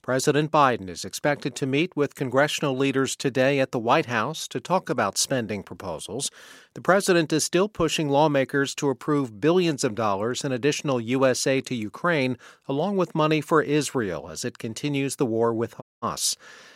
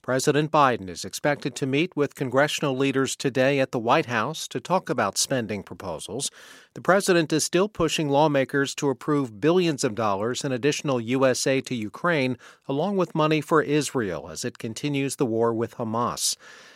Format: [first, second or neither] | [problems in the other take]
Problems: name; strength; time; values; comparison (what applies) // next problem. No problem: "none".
second | audio cutting out; at 16 s